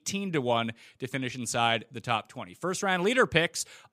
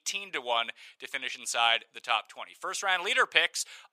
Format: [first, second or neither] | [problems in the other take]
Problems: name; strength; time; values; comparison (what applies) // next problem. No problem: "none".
first | thin; very; fading below 850 Hz